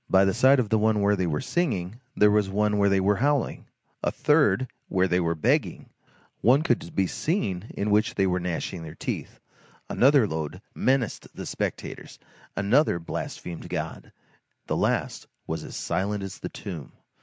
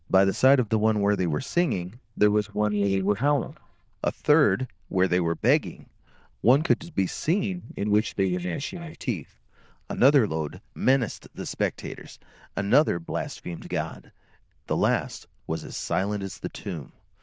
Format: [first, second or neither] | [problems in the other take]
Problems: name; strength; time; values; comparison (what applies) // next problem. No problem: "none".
first | noise reduction (neural diffusion model UNIVERSE++)